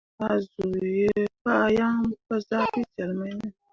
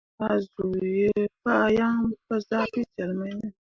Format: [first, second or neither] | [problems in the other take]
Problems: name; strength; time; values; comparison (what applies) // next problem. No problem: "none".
first | noise reduction (neural mask model Resemble Enhance denoiser)